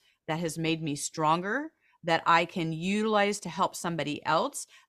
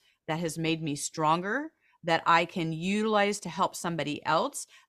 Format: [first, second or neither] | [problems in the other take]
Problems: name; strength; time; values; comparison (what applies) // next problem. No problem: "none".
neither | none